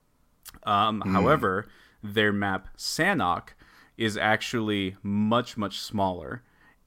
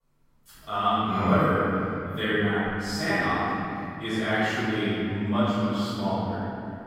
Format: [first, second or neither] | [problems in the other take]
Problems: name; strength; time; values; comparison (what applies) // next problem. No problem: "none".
first | off-mic speech; far // room echo; strong; dies away in 2.9 s